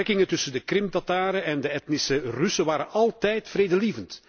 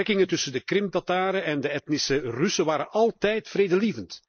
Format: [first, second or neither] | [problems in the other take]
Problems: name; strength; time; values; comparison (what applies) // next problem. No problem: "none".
first | noise reduction (neural mask model Resemble Enhance denoiser)